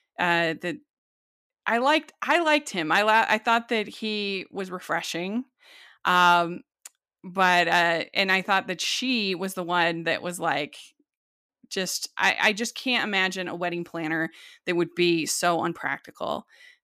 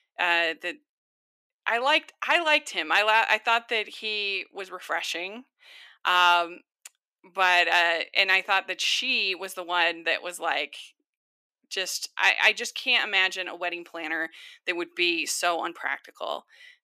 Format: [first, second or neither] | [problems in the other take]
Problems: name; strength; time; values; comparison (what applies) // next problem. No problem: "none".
first | thin; somewhat; fading below 400 Hz